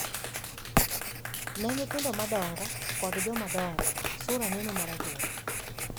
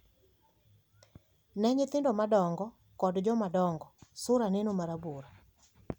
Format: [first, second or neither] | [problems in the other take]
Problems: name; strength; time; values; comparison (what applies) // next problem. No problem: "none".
second | background sound (Clapping + Writing); 3 dB above the speech